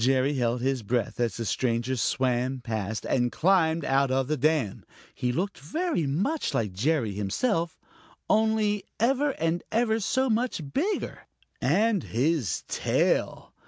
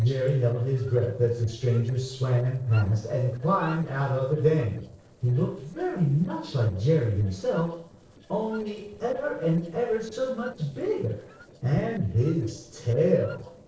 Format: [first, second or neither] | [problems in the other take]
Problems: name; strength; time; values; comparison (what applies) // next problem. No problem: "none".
first | noise reduction (neural separator model SepFormer DNS4)